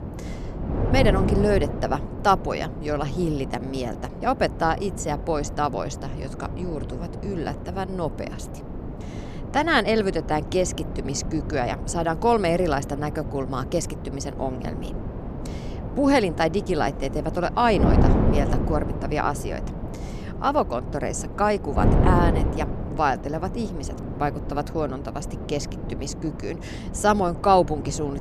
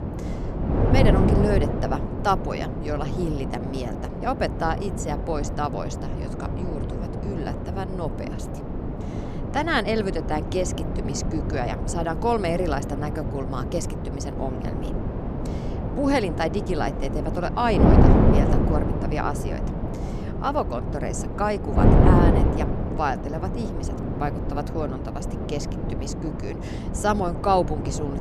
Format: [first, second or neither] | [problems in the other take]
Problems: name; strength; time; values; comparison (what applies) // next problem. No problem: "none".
first | wind noise on the microphone; heavy; 4 dB below the speech; occasional gusts in the first